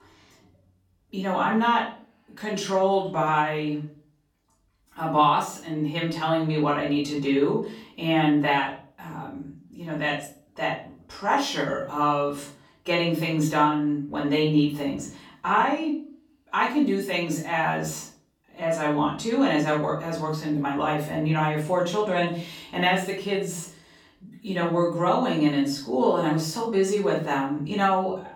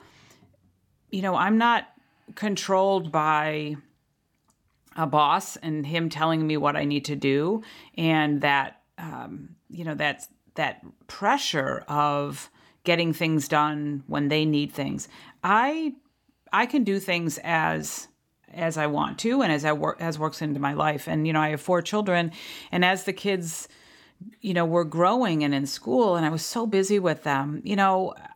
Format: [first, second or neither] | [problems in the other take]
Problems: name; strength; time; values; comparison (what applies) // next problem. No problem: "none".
second | off-mic speech; far // room echo; noticeable; dies away in 0.4 s